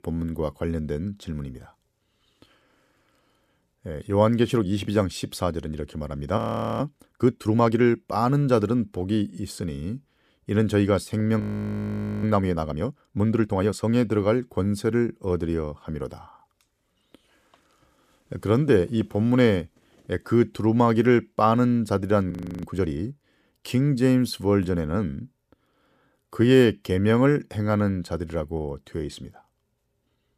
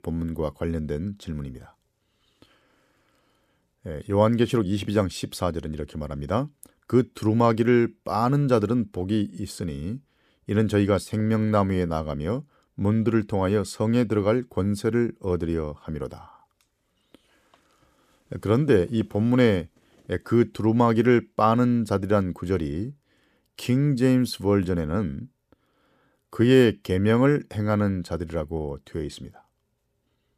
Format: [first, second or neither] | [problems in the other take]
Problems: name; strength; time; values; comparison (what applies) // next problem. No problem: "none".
second | audio freezing; at 6.5 s, at 11 s for 1 s and at 22 s